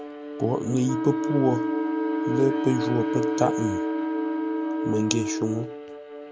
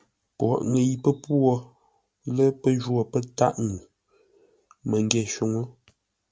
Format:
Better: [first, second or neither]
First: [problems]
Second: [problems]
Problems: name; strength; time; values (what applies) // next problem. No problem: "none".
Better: second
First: background sound (Bowed string instrument + Wind instrument, woodwind instrument); as loud as the speech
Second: none